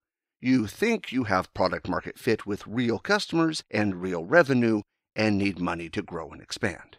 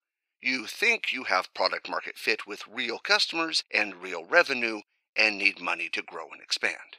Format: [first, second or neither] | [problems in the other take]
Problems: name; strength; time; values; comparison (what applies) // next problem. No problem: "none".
first | thin; somewhat; fading below 550 Hz